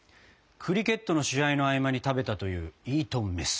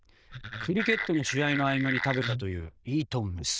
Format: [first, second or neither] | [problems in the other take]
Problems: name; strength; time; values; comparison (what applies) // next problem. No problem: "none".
first | noise reduction (neural diffusion model UNIVERSE++)